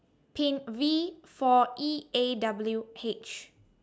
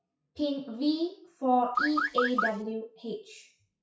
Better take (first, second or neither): first